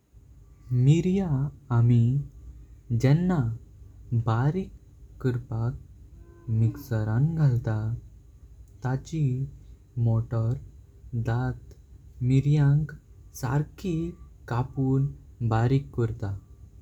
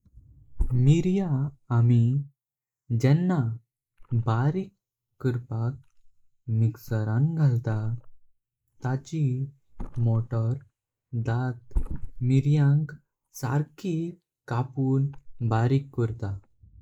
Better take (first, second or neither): first